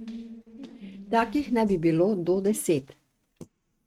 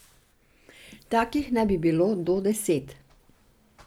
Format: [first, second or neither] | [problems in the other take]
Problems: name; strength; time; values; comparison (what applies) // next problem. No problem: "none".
second | noise reduction (neural mask model RNNoise)